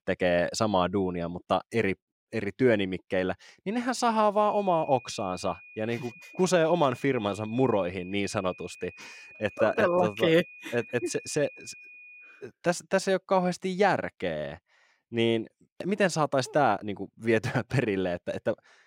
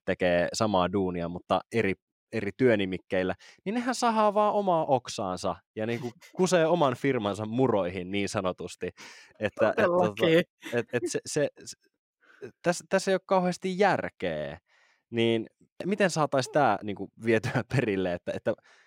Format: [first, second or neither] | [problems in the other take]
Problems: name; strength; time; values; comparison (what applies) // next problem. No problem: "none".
second | high-pitched whine; noticeable; from 4.5 to 12 s; 2.5 kHz, 20 dB below the speech